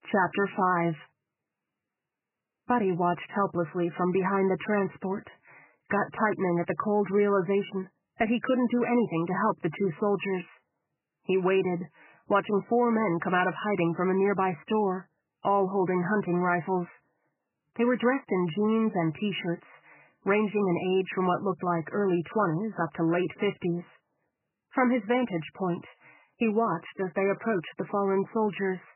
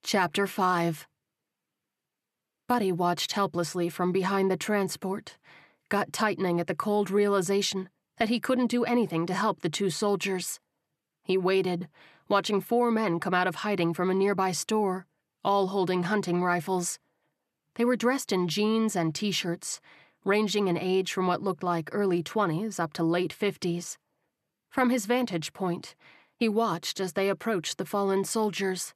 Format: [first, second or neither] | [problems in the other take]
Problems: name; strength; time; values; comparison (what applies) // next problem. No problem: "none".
second | garbled, watery; badly; nothing above 3 kHz